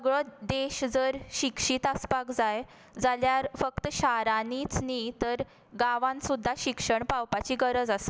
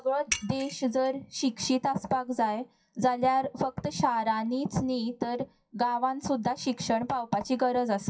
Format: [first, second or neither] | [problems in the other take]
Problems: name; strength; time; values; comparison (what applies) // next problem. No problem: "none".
first | noise reduction (classical method WPE with log-MMSE)